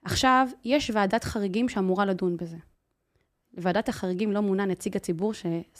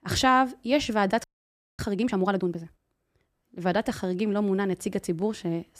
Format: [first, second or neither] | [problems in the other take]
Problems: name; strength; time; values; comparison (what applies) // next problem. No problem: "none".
first | audio freezing; at 1 s for 0.5 s